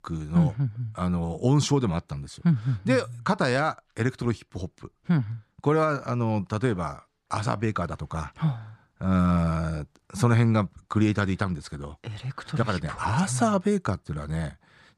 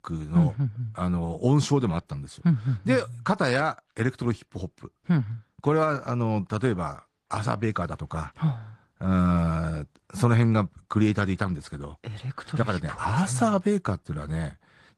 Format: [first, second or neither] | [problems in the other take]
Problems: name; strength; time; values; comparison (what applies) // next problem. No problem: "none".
first | garbled, watery; slightly